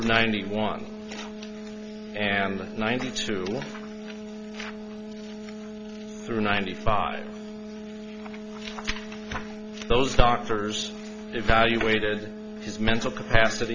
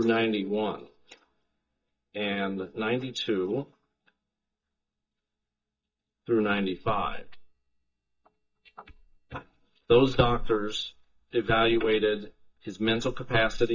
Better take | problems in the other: first | noise reduction (neural mask model DeepFilterNet 3)

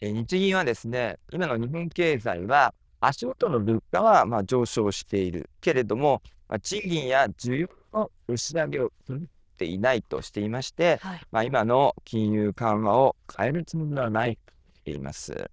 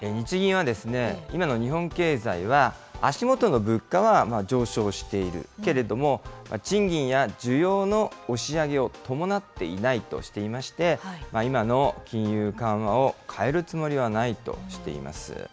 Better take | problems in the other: second | noise reduction (neural diffusion model UNIVERSE++)

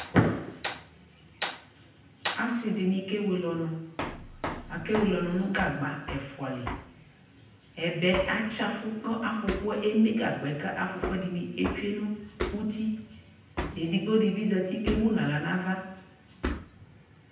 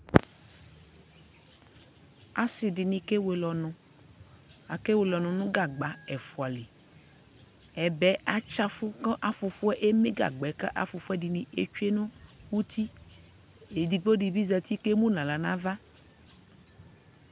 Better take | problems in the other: second | background sound (Hammer); 9 dB below the speech // room echo; dies away in 0.9 s

